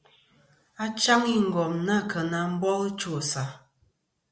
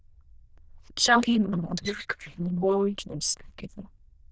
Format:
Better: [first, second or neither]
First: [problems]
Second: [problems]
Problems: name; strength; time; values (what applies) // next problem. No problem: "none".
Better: first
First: none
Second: noise reduction (neural diffusion model UNIVERSE++)